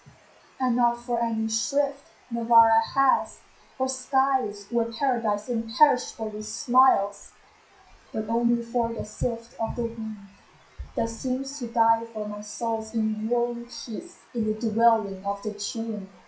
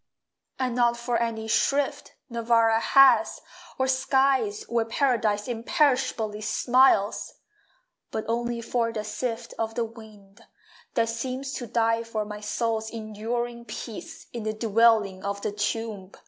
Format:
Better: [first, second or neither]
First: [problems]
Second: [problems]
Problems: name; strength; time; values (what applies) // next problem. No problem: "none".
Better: second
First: noise reduction (classical method WPE with log-MMSE)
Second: none